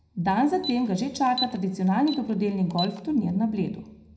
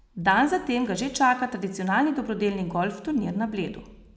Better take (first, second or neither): second